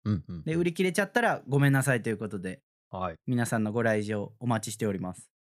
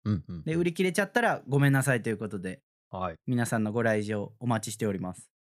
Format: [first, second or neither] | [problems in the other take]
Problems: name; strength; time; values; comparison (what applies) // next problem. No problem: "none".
neither | none